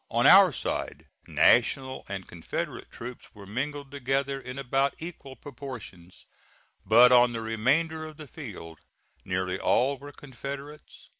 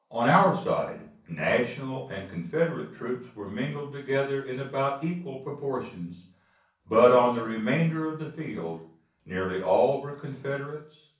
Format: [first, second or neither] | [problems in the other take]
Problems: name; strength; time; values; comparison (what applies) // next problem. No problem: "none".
first | room echo; dies away in 0.6 s